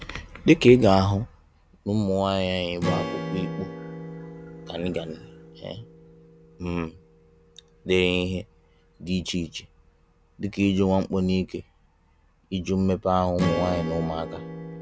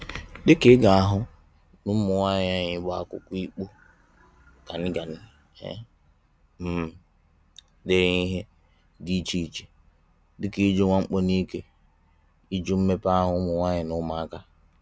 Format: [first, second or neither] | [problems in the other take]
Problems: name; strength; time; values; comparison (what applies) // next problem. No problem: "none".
second | background sound (Strum); 11 dB below the speech